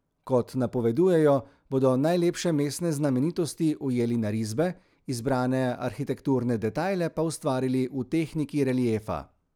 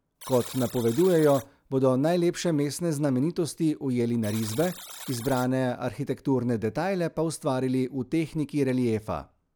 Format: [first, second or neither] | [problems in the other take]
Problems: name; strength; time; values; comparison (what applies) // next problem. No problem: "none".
first | background sound (Alarm); 18 dB below the speech